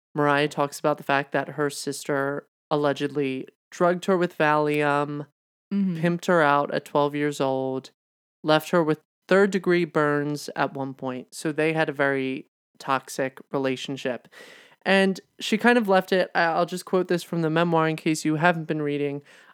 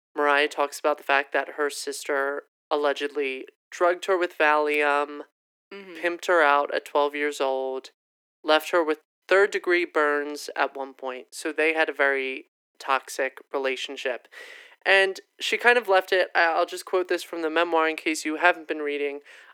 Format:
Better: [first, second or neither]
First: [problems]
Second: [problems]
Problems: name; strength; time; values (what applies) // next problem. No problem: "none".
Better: first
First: none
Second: thin; somewhat; fading below 350 Hz